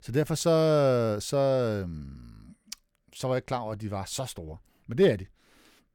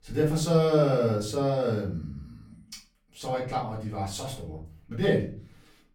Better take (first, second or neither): first